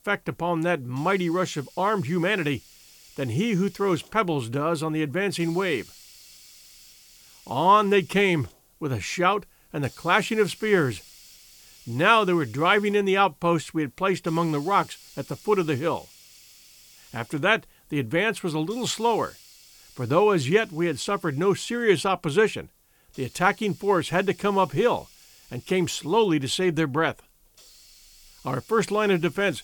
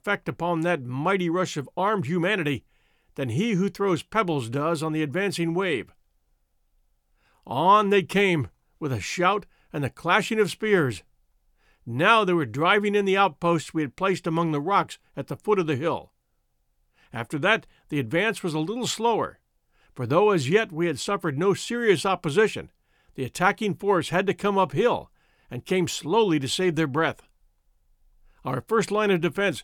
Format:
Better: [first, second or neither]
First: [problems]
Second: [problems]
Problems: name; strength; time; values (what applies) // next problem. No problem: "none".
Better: second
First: hiss; faint; throughout; 25 dB below the speech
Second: none